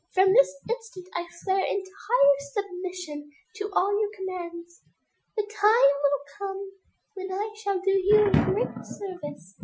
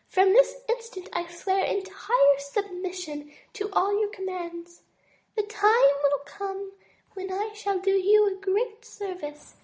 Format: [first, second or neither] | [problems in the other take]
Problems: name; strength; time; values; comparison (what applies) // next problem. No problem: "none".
second | noise reduction (classical method Wiener filter)